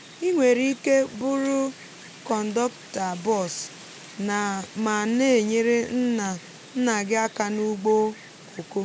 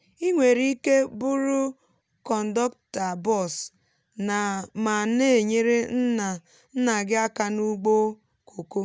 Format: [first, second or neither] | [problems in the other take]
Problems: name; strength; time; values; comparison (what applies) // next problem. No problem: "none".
second | background sound (Wind); 19 dB below the speech